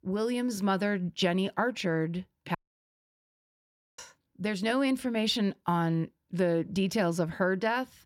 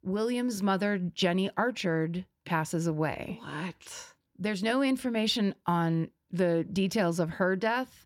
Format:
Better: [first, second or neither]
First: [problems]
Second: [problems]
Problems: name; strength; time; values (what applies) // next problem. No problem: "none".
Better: second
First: audio cutting out; at 2.5 s for 1.5 s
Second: none